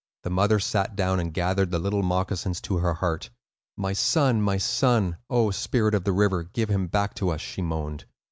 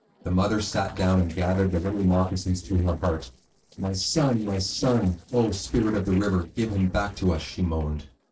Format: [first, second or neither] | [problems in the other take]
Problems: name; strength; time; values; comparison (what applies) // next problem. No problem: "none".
first | noise reduction (neural separator model SepFormer DNS4)